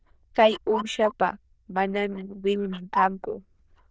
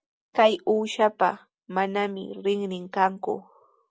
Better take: second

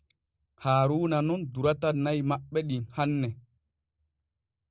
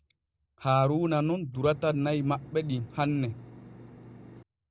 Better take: first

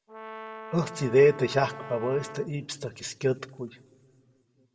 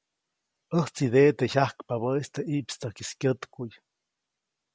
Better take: second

